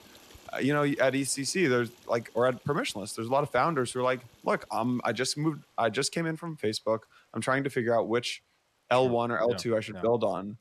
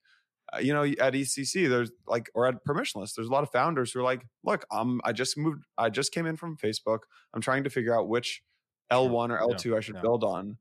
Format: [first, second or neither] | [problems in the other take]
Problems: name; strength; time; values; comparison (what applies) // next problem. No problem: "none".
second | rain or running water; faint; throughout; 30 dB below the speech